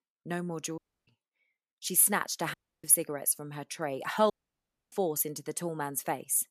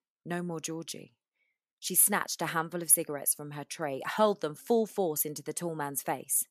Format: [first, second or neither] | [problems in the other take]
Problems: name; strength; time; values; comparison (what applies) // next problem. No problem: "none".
second | audio cutting out; at 1 s, at 2.5 s and at 4.5 s for 0.5 s